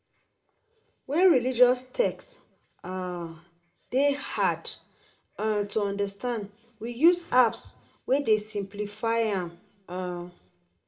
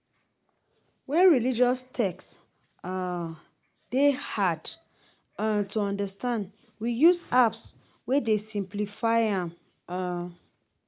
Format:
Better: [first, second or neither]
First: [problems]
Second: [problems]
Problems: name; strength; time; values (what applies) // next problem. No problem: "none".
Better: second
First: room echo; dies away in 0.3 s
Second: none